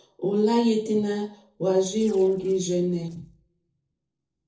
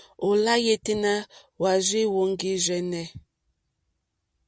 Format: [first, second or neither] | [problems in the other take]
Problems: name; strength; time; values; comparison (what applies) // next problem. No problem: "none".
second | noise reduction (neural separator model SepFormer DNS4)